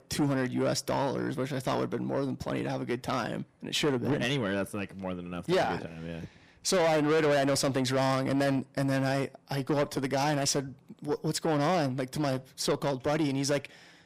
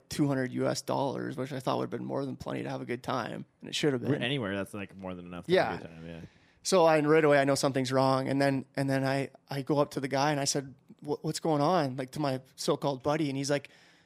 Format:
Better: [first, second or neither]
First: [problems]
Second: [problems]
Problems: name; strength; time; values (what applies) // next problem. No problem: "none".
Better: second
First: distortion; heavy; 7 dB below the speech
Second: none